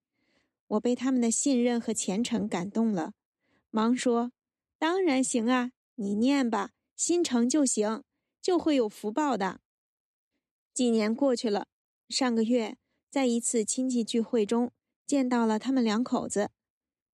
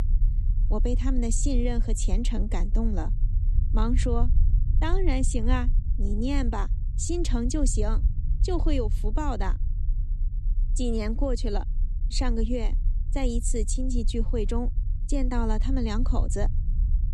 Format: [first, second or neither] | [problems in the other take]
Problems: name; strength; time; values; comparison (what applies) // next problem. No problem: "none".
first | low rumble; noticeable; throughout; 15 dB below the speech